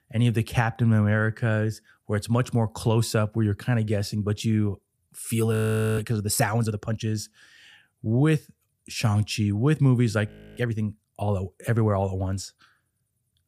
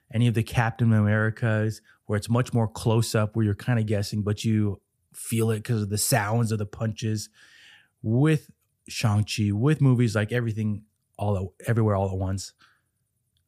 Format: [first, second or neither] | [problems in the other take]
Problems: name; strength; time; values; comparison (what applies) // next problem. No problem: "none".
second | audio freezing; at 5.5 s and at 10 s